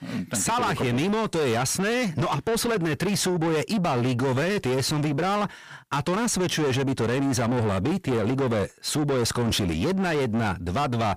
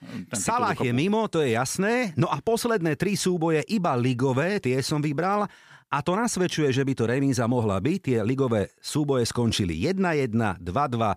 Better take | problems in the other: second | distortion; heavy; 8 dB below the speech

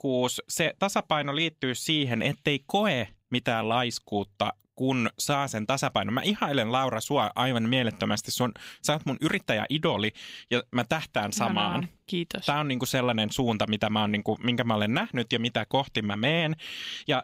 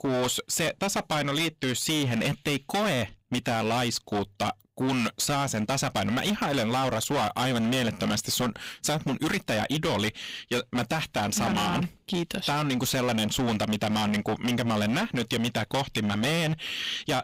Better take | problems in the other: first | distortion; heavy; 24% of the sound clipped

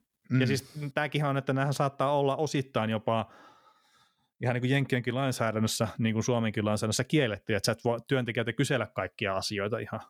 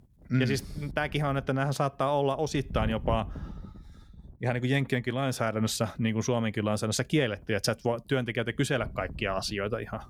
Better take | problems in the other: first | wind noise on the microphone; occasional gusts; 20 dB below the speech

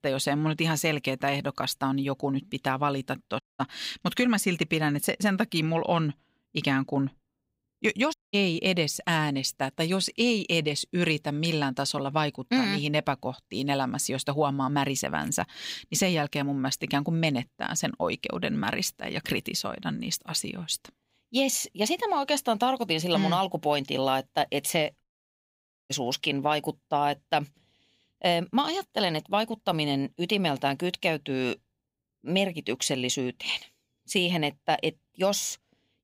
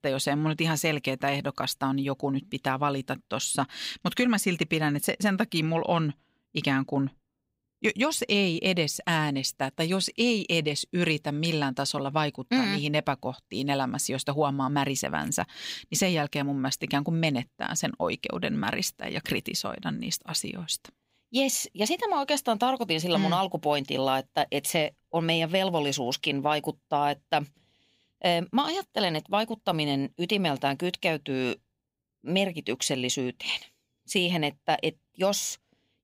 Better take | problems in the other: second | audio cutting out; at 3.5 s, at 8 s and at 25 s for 1 s

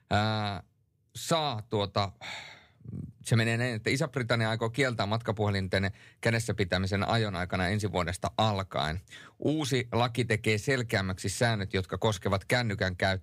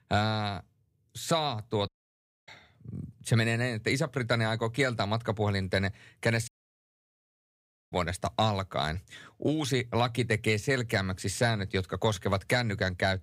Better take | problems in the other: first | audio cutting out; at 2 s for 0.5 s and at 6.5 s for 1.5 s

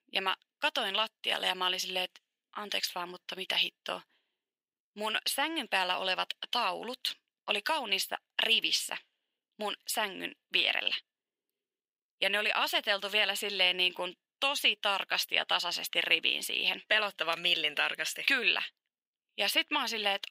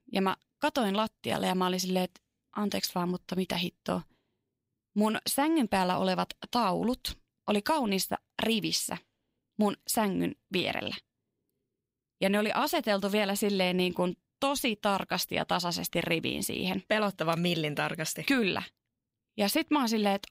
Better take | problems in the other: second | thin; very; fading below 450 Hz

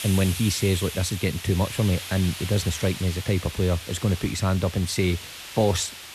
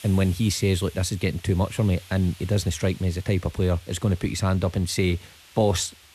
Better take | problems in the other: second | hiss; loud; throughout; 10 dB below the speech; faint in the second

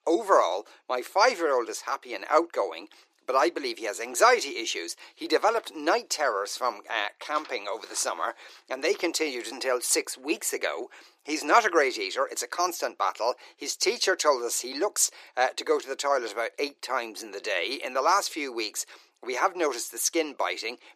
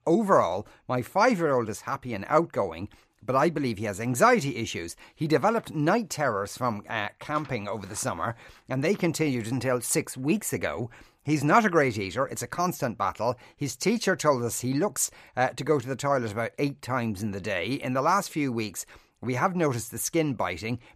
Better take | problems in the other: second | thin; very; fading below 350 Hz

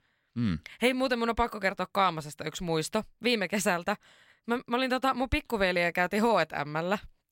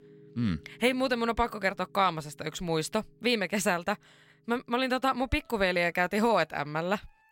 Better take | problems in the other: first | background music; faint; throughout; 30 dB below the speech

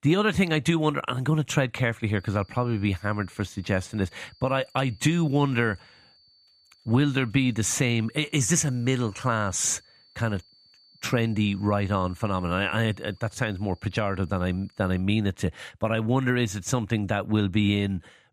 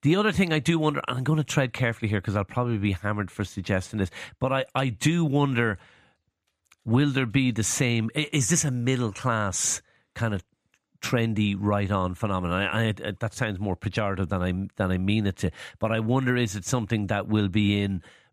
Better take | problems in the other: second | high-pitched whine; faint; from 2 to 15 s; 4.5 kHz, 30 dB below the speech

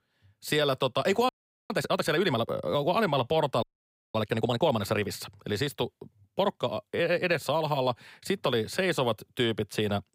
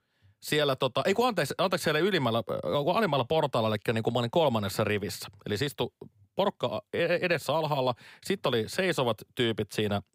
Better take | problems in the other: second | audio freezing; at 1.5 s and at 3.5 s for 0.5 s

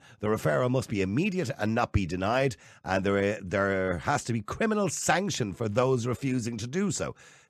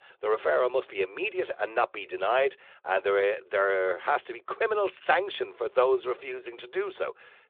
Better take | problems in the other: first | phone-call audio

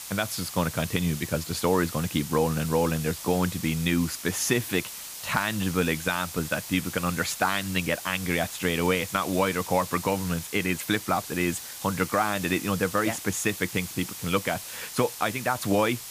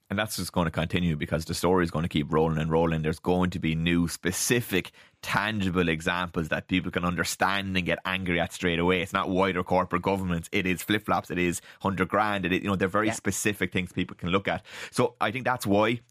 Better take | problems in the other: second | hiss; loud; throughout; 9 dB below the speech

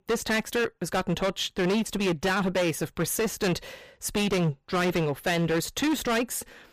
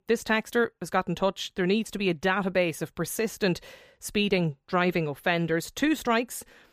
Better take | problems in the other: second | distortion; heavy; 18% of the sound clipped

